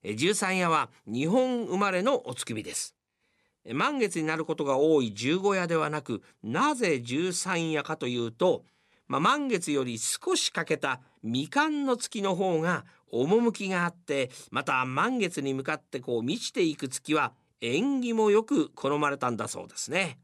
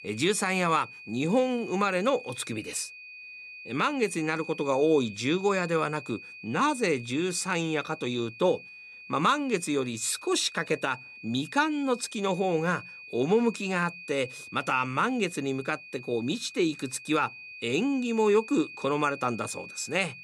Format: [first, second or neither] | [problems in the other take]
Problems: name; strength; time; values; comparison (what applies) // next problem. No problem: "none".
first | high-pitched whine; noticeable; throughout; 2.5 kHz, 15 dB below the speech